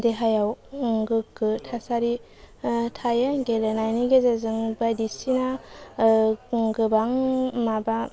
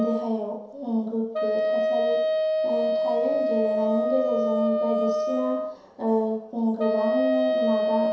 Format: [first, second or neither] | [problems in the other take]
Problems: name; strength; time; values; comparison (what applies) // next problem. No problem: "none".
first | background sound (Wind instrument, woodwind instrument); 2 dB above the speech // room echo; dies away in 0.7 s